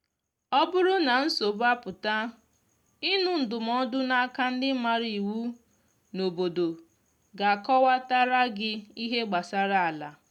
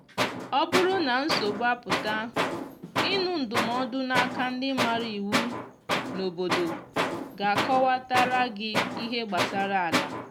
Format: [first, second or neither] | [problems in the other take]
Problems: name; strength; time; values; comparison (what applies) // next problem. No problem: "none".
first | background sound (Tools); 2 dB below the speech